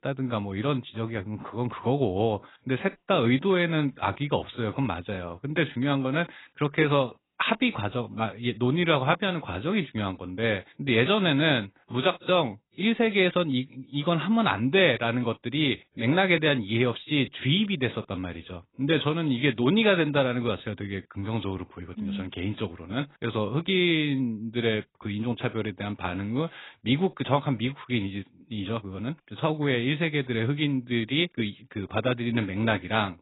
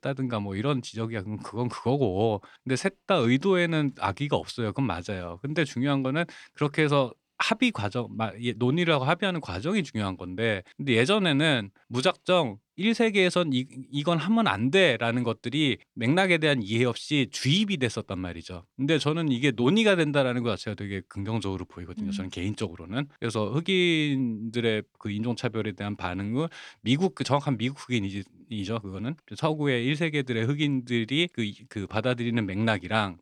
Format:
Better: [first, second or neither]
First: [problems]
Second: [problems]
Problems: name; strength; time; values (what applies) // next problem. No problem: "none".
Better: second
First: garbled, watery; badly; nothing above 4 kHz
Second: none